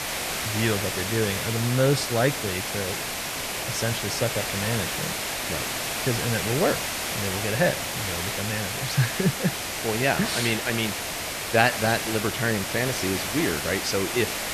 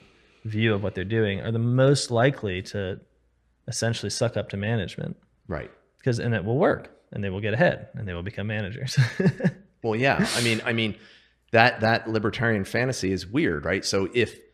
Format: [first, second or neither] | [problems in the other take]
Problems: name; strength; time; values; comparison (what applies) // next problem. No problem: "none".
second | hiss; loud; throughout; 1 dB below the speech